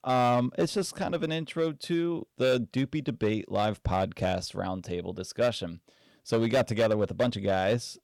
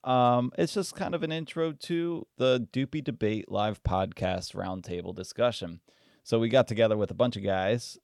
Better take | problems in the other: second | distortion; slight; 6% of the sound clipped

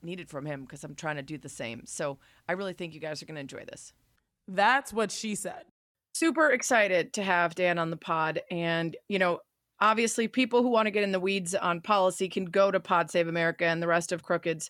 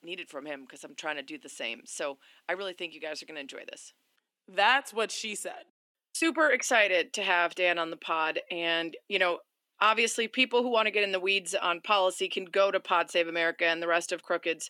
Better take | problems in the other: first | thin; somewhat; fading below 250 Hz

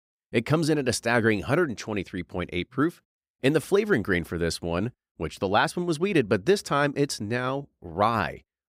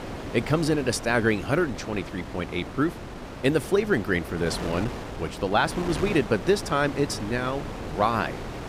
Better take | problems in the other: first | wind noise on the microphone; occasional gusts; 10 dB below the speech

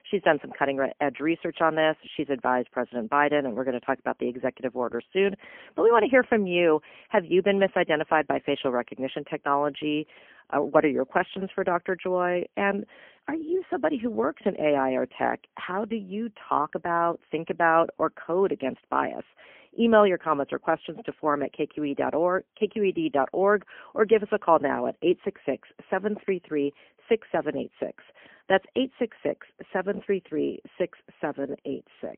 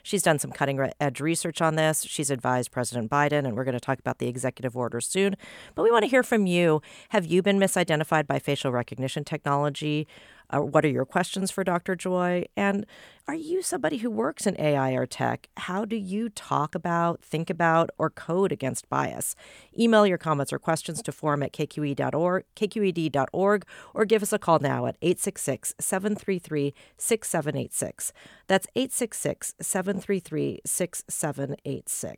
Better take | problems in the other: second | phone-call audio; poor line; nothing above 3 kHz

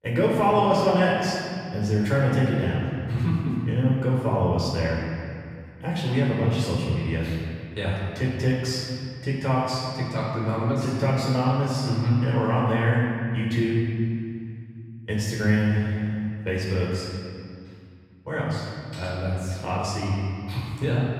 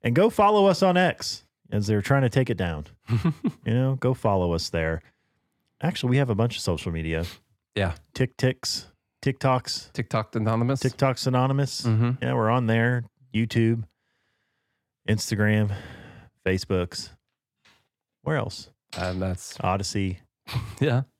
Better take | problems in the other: second | off-mic speech; far // room echo; strong; dies away in 2.3 s

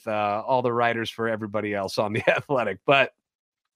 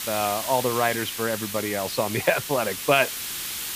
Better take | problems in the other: first | hiss; loud; throughout; 5 dB below the speech

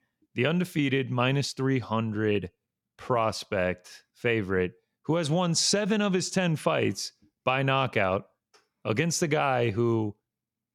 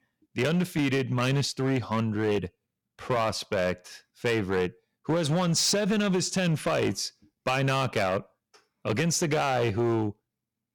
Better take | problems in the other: first | distortion; slight; 10% of the sound clipped

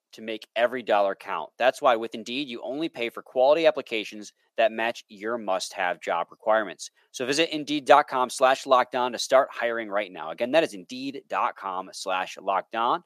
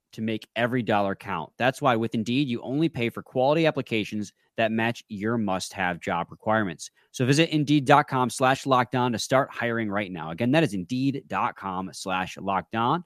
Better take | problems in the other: second | thin; somewhat; fading below 450 Hz

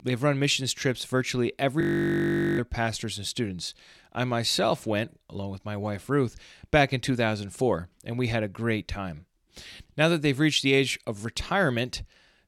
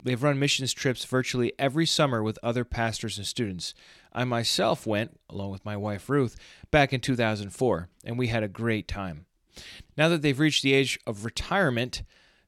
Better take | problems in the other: second | audio freezing; at 2 s for 1 s

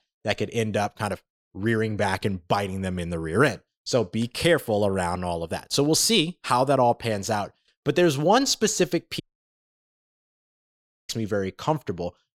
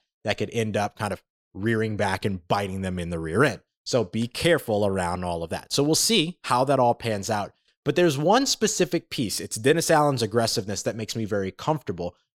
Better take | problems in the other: second | audio cutting out; at 9 s for 2 s

